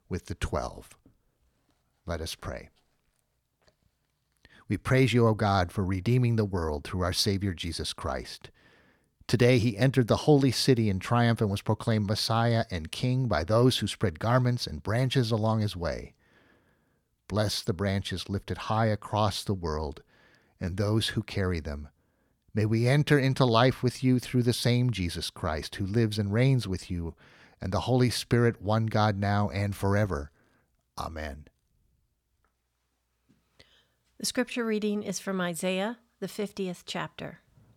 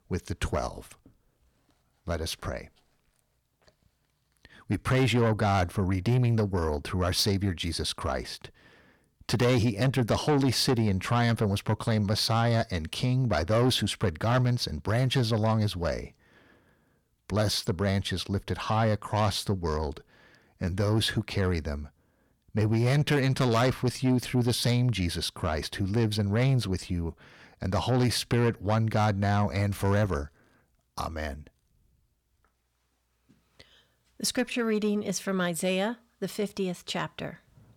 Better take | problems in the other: first | distortion; slight; 10 dB below the speech

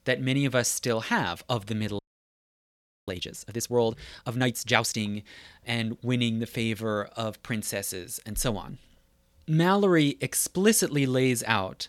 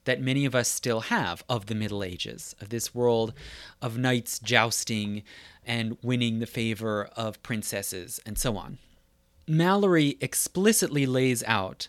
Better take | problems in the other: second | audio freezing; at 2 s for 1 s

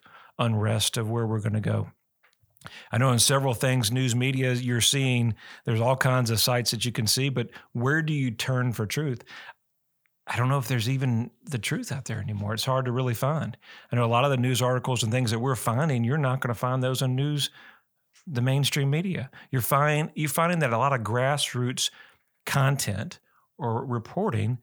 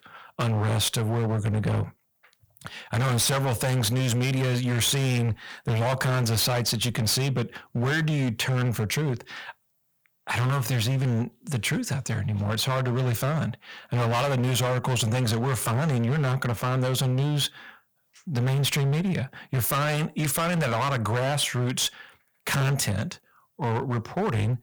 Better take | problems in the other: first | distortion; heavy; 23% of the sound clipped

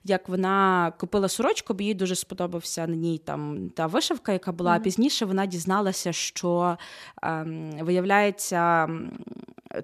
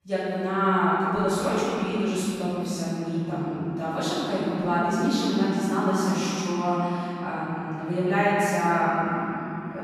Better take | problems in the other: first | room echo; strong; dies away in 3 s // off-mic speech; far

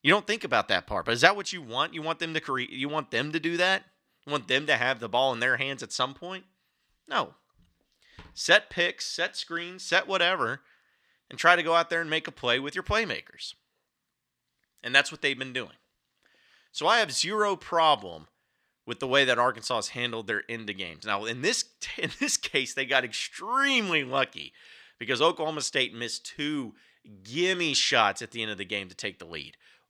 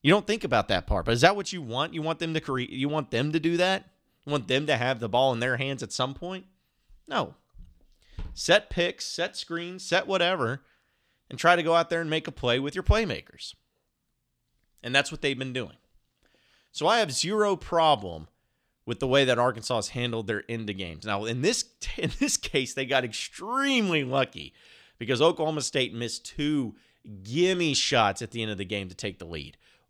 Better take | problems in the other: second | thin; very slightly; fading below 250 Hz

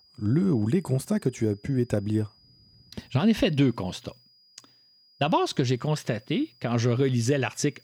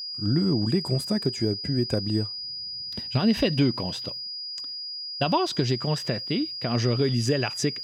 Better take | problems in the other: first | high-pitched whine; loud; throughout; 5 kHz, 6 dB below the speech; faint in the first

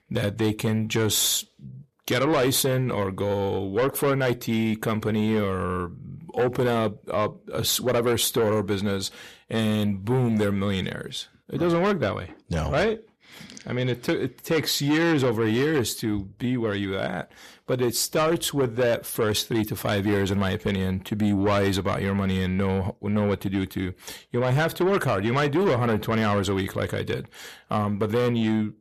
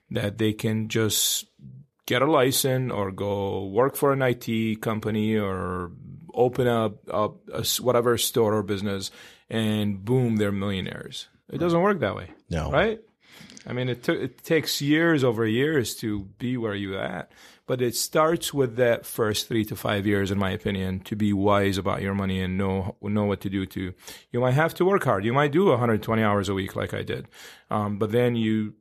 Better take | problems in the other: second | distortion; slight; 10 dB below the speech

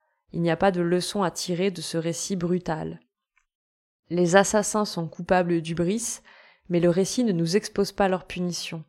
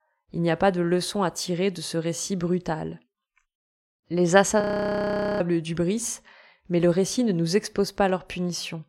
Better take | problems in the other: first | audio freezing; at 4.5 s for 1 s

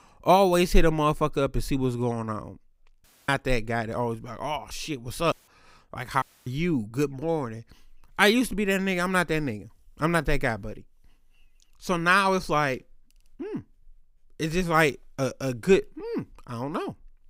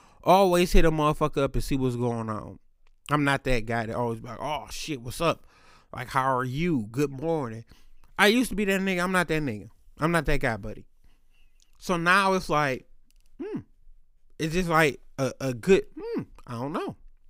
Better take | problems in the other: second | audio cutting out; at 3 s, at 5.5 s and at 6 s

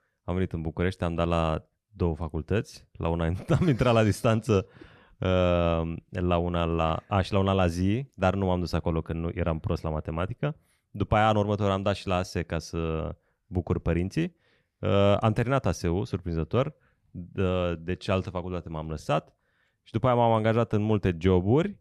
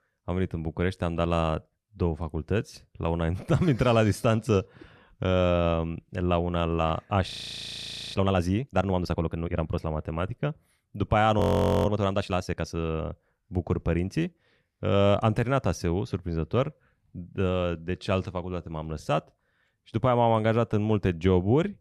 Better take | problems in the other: first | audio freezing; at 7.5 s for 1 s and at 11 s

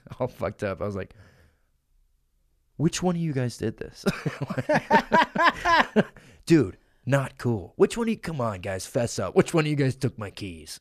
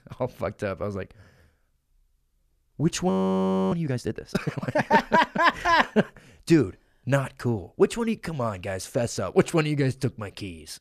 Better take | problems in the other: first | audio freezing; at 3 s for 0.5 s

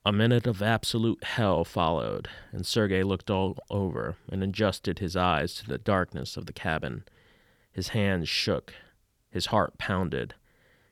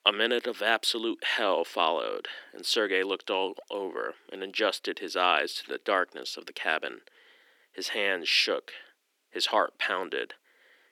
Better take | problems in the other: first | thin; very; fading below 300 Hz

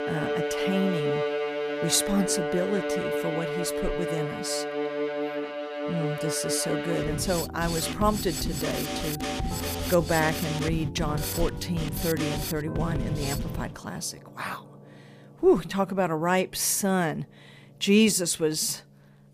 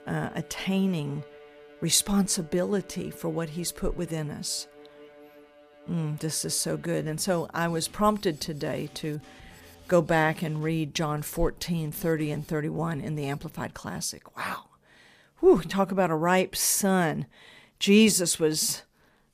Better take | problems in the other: second | background music; loud; throughout; 3 dB below the speech; faint in the second

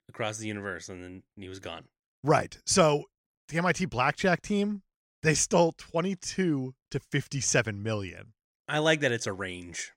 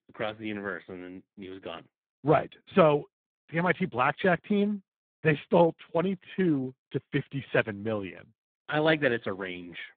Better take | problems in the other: first | phone-call audio; poor line; nothing above 3.5 kHz

